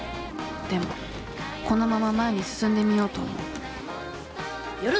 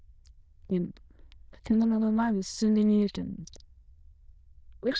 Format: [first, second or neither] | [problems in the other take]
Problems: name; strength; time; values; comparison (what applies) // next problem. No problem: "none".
first | noise reduction (neural diffusion model UNIVERSE++)